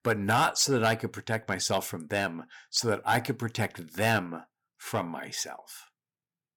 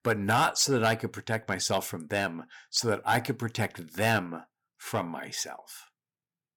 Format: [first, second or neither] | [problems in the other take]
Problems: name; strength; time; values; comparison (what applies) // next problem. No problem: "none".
neither | distortion; slight; 1.7% of the sound clipped; the same in both